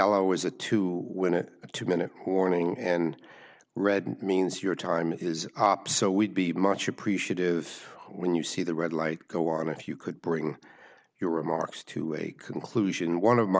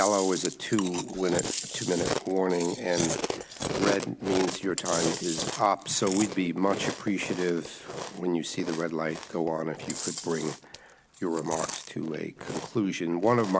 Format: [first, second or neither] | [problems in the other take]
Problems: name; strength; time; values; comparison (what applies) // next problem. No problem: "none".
first | background sound (Chewing, mastication); 7 dB below the speech